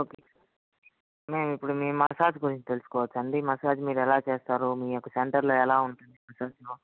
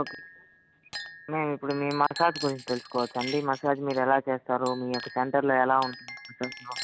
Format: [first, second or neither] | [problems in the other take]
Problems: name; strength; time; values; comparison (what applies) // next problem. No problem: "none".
first | background sound (Chink, clink); 14 dB below the speech